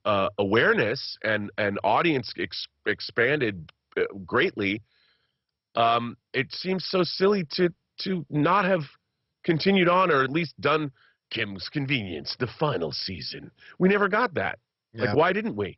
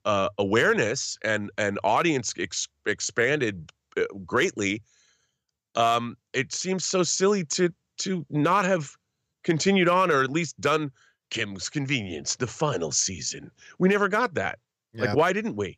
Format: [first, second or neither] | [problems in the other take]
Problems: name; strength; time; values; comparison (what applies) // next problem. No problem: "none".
second | garbled, watery; badly; nothing above 5.5 kHz